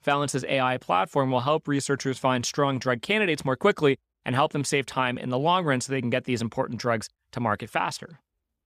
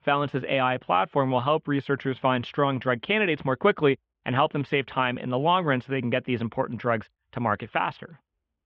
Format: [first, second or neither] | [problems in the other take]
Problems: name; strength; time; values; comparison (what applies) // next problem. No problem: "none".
first | muffled; very; fading above 3 kHz